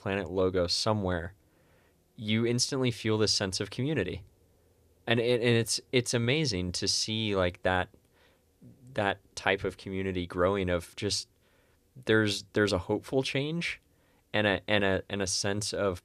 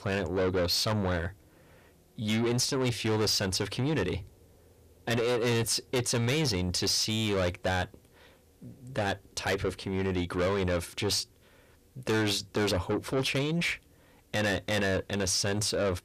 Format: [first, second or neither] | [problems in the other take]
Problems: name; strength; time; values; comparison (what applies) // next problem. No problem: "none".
first | distortion; heavy; 6 dB below the speech